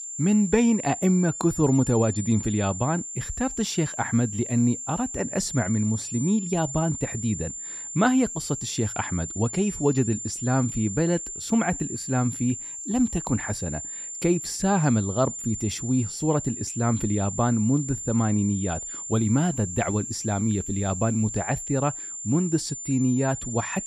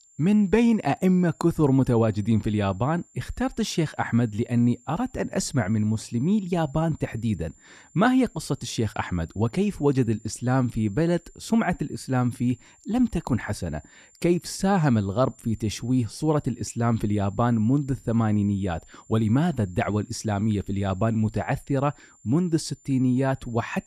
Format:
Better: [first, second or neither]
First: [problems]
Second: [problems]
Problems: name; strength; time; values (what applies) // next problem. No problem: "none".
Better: second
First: high-pitched whine; loud; throughout; 7 kHz, 7 dB below the speech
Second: high-pitched whine; faint; throughout; 7 kHz, 30 dB below the speech